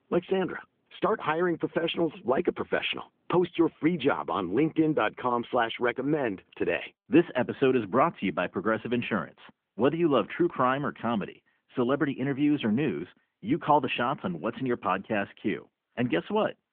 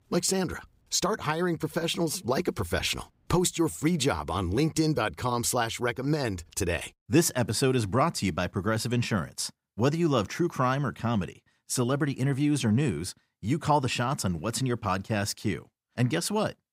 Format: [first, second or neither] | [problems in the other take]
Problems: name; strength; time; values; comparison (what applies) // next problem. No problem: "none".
second | phone-call audio; nothing above 3.5 kHz